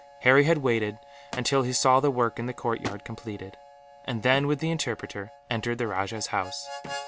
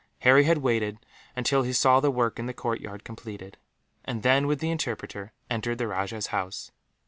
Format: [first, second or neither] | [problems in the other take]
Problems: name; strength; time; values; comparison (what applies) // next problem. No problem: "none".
second | background sound (Harmonica + Thump, thud); 16 dB below the speech